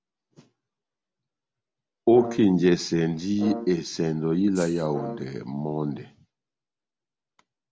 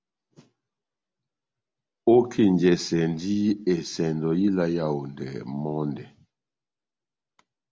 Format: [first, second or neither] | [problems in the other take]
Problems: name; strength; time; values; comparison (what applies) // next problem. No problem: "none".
second | background sound (Rattle (instrument) + Brass instrument); 13 dB below the speech